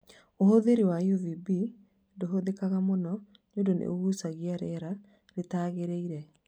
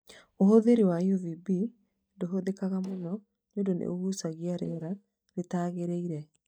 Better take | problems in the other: first | noise reduction (neural mask model DeepFilterNet 3)

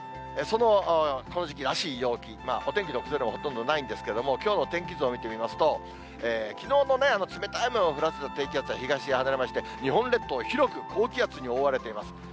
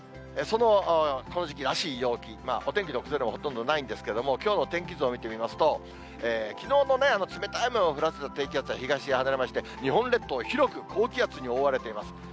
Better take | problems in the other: second | background sound (Wind instrument, woodwind instrument); 16 dB below the speech

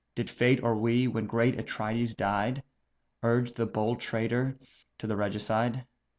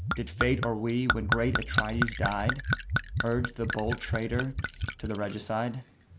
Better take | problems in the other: first | background sound (Gurgling / Chink, clink / Liquid); as loud as the speech

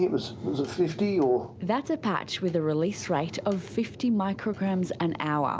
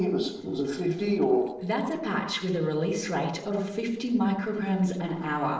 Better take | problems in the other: first | noise reduction (neural separator model SepFormer DNS4)

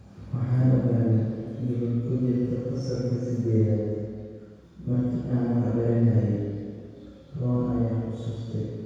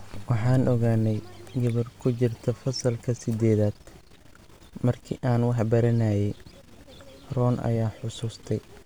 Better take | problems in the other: second | room echo; dies away in 2 s

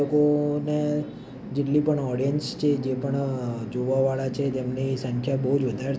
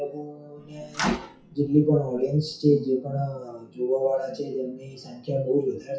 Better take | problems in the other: first | noise reduction (classical method WPE with log-MMSE)

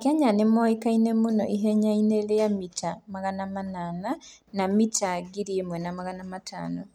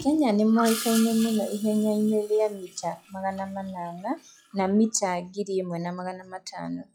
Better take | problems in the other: first | noise reduction (classical method log-MMSE)

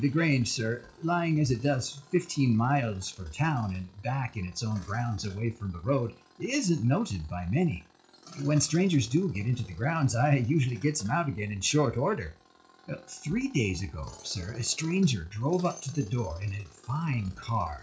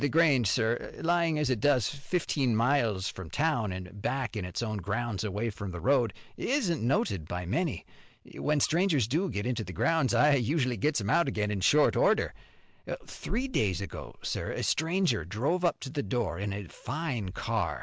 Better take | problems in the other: second | noise reduction (classical method WPE with log-MMSE)

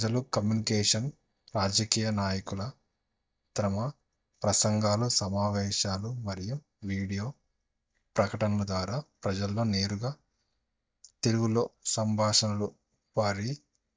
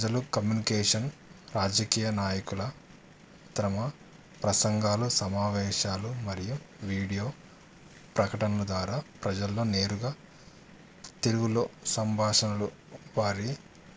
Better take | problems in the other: second | noise reduction (neural mask model DeepFilterNet 3)

